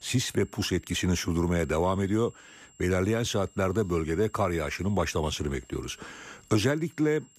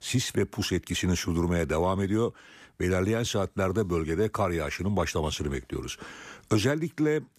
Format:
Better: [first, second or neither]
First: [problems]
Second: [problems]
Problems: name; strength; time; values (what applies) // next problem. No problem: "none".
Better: second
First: high-pitched whine; faint; throughout; 7.5 kHz, 30 dB below the speech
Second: none